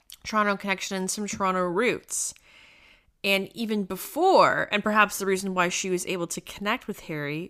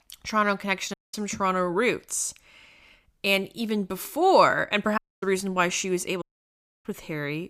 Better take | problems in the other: first | audio cutting out; at 1 s, at 5 s and at 6 s for 0.5 s

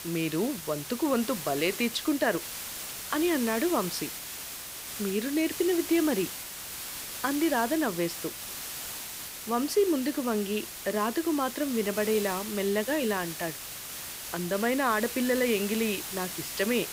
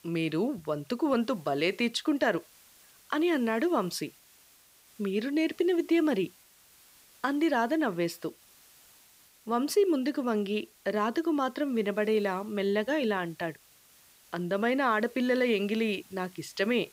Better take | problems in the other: second | hiss; loud; throughout; 7 dB below the speech; faint in the second

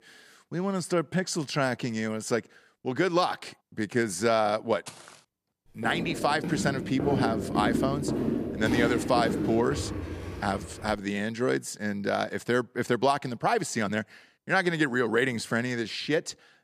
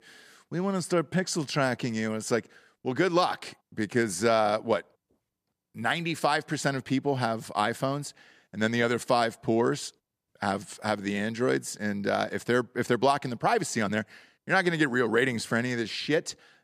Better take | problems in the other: second | footsteps; faint; at 5 s; peak 15 dB below the speech // footsteps; loud; from 6 to 11 s; peak 1 dB above the speech

